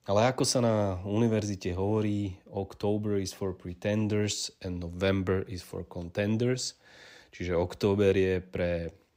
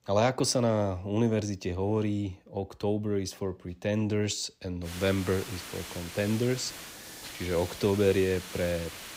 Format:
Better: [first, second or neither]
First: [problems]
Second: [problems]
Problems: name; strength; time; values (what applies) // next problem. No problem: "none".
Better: first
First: none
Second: hiss; noticeable; from 5 s on; 10 dB below the speech